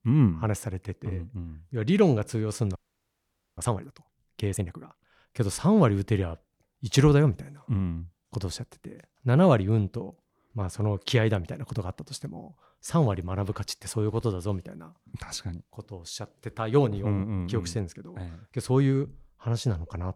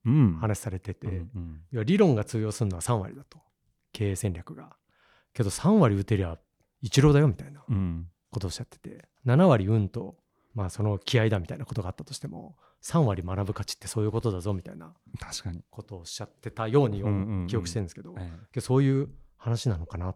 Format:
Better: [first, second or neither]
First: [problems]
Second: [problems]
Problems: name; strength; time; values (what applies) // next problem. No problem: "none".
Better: second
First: audio freezing; at 3 s for 1 s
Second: none